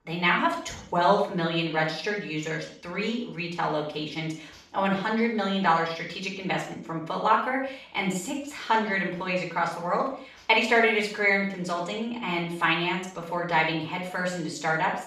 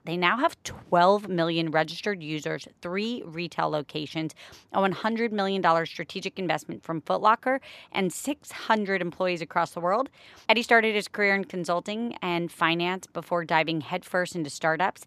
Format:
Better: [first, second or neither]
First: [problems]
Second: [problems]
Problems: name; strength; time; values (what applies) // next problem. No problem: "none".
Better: second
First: room echo; noticeable; dies away in 0.5 s // off-mic speech; far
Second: none